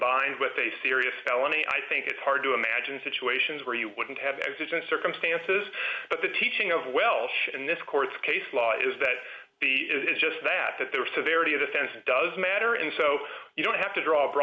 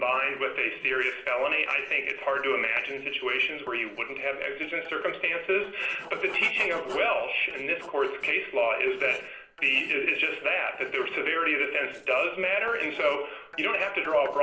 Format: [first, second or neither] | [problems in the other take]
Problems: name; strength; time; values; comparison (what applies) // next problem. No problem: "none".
first | noise reduction (neural separator model SepFormer DNS4)